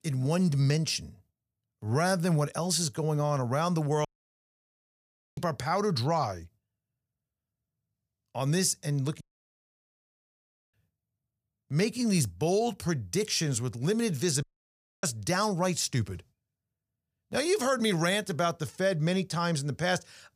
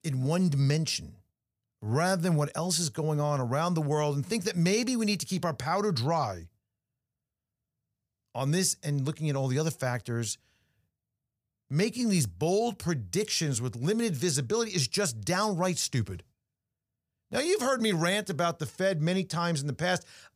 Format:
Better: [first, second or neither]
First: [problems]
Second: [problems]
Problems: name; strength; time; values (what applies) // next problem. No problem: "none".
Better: second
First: audio cutting out; at 4 s for 1.5 s, at 9 s for 1.5 s and at 14 s for 0.5 s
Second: none